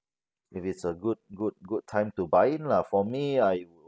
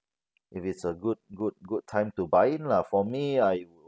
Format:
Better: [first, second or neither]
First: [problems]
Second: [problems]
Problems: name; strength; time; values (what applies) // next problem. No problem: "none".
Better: second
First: noise reduction (neural mask model Resemble Enhance denoiser)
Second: none